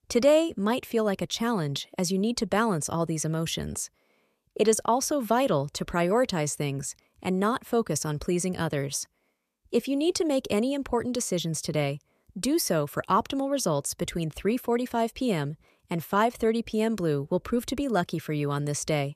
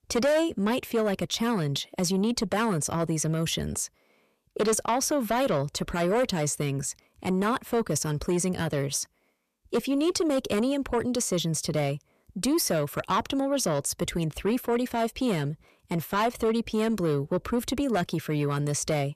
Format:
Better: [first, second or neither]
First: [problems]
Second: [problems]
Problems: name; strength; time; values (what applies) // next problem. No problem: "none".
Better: first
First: none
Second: distortion; slight; 10 dB below the speech